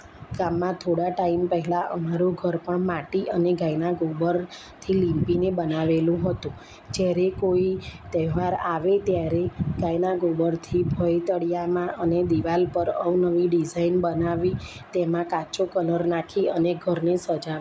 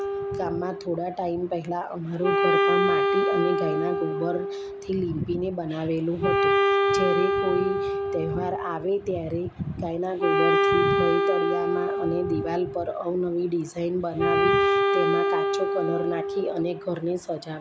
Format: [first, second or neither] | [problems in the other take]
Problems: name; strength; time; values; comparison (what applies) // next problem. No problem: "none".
first | background sound (Wind instrument, woodwind instrument); 3 dB above the speech